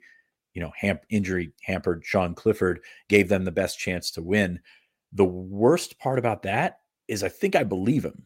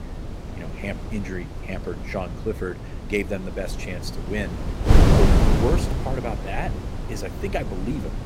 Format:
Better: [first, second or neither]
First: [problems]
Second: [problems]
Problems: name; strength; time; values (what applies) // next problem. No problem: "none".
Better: first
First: none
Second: wind noise on the microphone; heavy; as loud as the speech